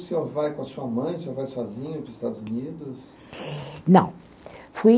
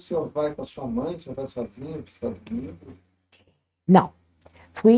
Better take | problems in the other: first | noise reduction (neural mask model RNNoise)

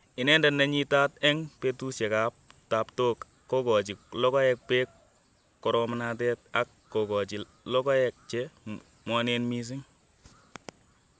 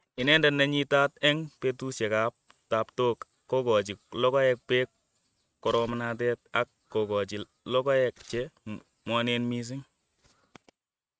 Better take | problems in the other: first | noise reduction (neural mask model RNNoise)

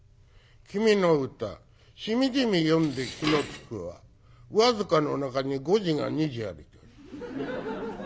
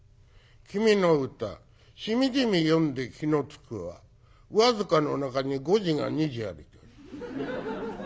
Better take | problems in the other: second | background sound (Dishes, pots, and pans); 11 dB below the speech

